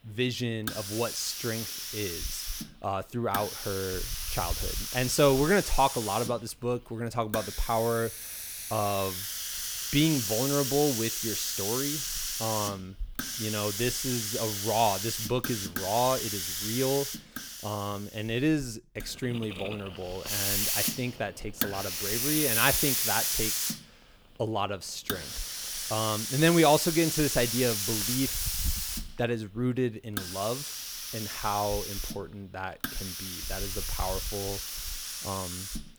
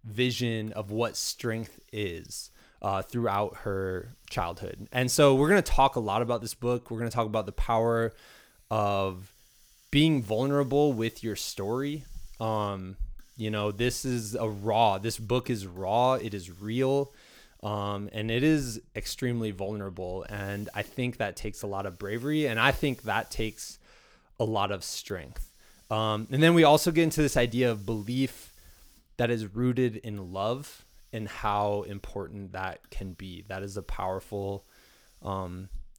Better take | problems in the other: second | hiss; loud; throughout; 1 dB below the speech; faint in the second

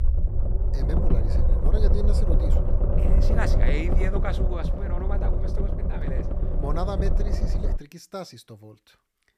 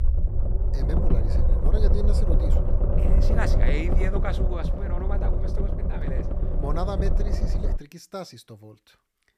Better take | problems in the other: neither | low rumble; loud; until 8 s; as loud as the speech; the same in both

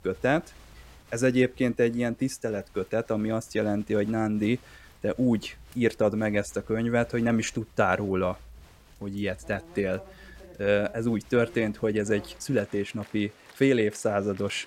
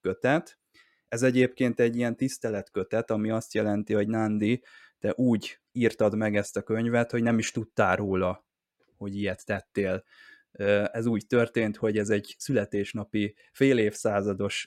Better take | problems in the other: second | crowd noise; faint; throughout; 25 dB below the speech

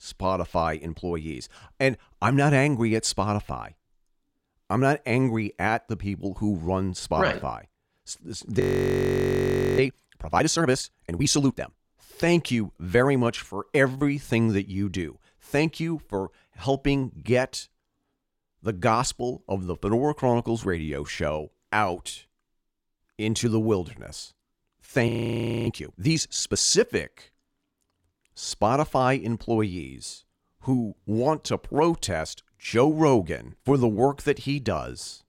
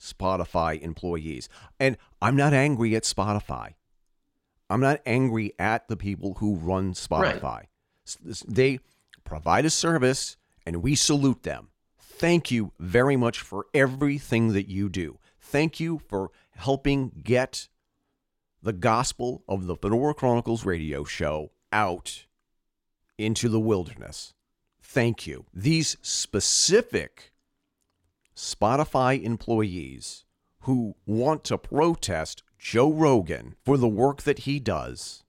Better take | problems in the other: second | audio freezing; at 8.5 s for 1 s and at 25 s for 0.5 s

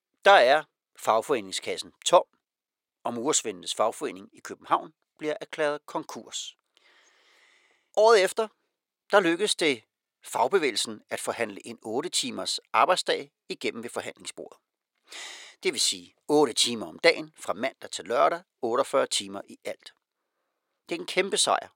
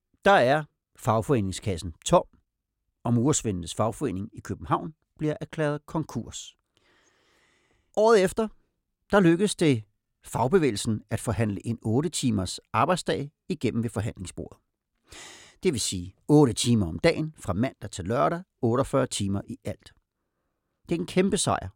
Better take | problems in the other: second | thin; somewhat; fading below 550 Hz

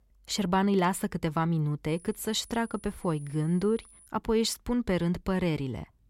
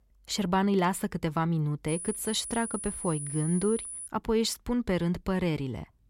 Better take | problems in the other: first | high-pitched whine; loud; from 2 to 4 s; 10 kHz, 7 dB below the speech; faint in the first

